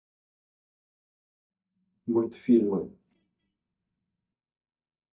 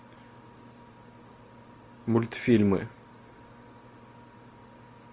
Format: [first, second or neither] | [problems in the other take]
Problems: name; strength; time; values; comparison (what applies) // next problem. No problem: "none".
second | noise reduction (neural mask model DeepFilterNet 3)